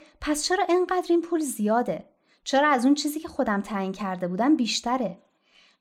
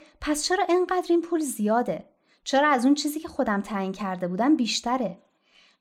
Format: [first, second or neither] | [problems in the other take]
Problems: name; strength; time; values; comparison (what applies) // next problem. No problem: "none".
neither | none